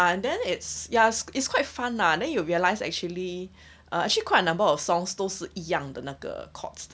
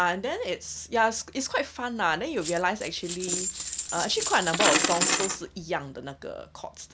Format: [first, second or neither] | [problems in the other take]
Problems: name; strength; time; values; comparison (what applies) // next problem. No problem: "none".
first | background sound (Coin (dropping)); as loud as the speech